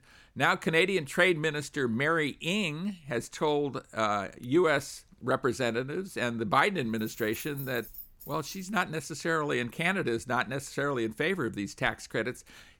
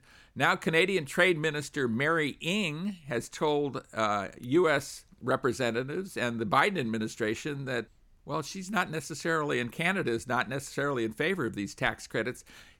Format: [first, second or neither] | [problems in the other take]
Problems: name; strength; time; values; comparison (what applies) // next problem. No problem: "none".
second | jangling keys; faint; from 7 to 8.5 s; peak 10 dB below the speech